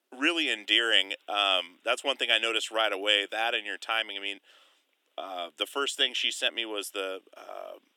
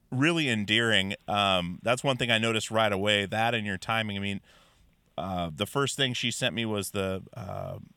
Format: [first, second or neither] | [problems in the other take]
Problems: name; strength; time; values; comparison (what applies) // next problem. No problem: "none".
second | thin; somewhat; fading below 300 Hz